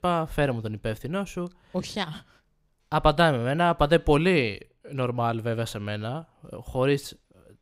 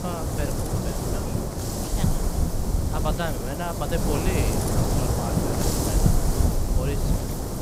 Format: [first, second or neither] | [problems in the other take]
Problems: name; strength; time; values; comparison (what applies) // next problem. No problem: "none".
first | wind noise on the microphone; heavy; 3 dB above the speech